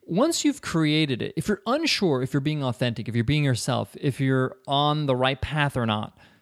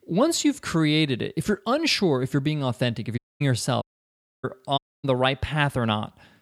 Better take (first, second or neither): first